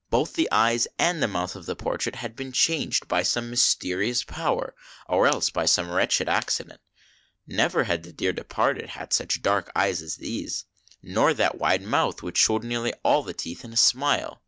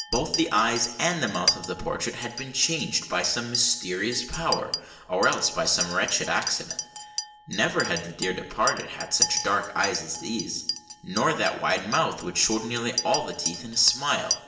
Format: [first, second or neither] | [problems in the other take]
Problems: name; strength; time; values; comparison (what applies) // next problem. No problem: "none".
first | background sound (Chink, clink); 7 dB below the speech // room echo; dies away in 1.1 s